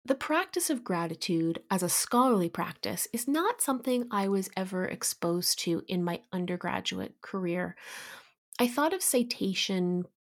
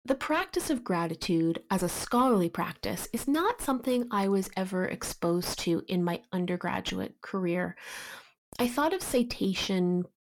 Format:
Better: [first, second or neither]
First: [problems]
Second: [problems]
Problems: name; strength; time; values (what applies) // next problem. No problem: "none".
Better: first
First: none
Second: distortion; slight; 7 dB below the speech